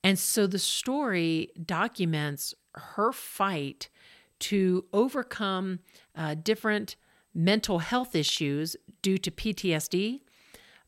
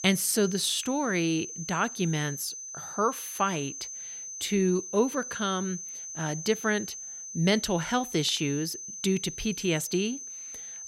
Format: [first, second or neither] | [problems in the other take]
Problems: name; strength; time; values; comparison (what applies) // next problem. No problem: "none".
first | high-pitched whine; loud; throughout; 6 kHz, 8 dB below the speech